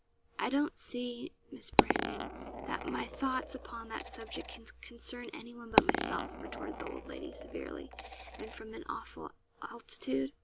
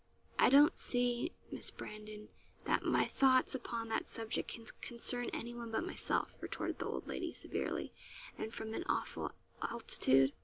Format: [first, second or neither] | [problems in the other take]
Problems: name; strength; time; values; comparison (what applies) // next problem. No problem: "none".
second | background sound (Coin (dropping)); 3 dB above the speech